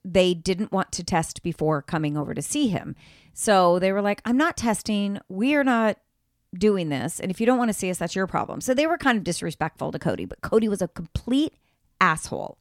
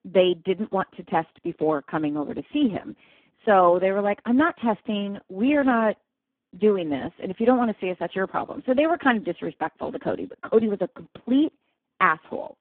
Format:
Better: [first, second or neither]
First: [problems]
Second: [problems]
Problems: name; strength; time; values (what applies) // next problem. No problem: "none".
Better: first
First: none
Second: phone-call audio; poor line